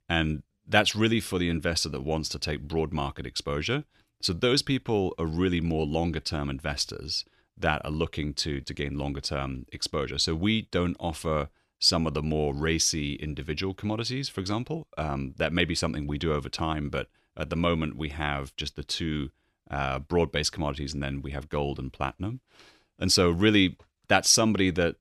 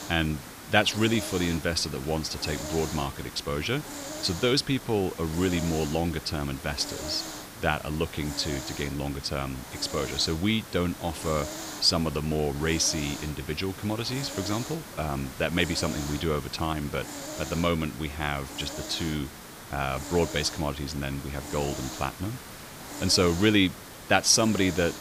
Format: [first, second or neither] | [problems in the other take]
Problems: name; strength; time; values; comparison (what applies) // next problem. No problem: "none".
first | hiss; noticeable; throughout; 10 dB below the speech